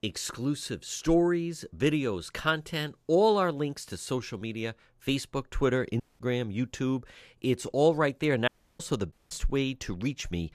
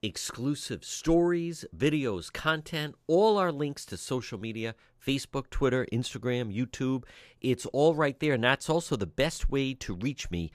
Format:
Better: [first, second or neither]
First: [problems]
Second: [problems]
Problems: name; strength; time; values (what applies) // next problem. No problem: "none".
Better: second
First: audio cutting out; at 6 s, at 8.5 s and at 9 s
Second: none